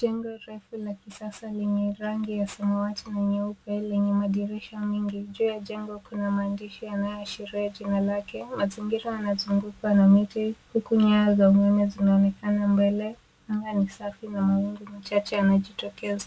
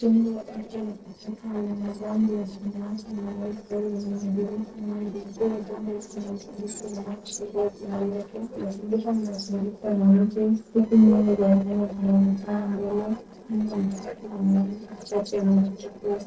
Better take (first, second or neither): first